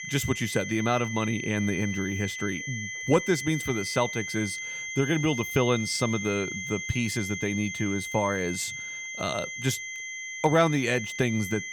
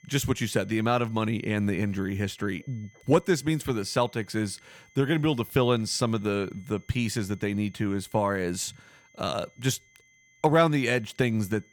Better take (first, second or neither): second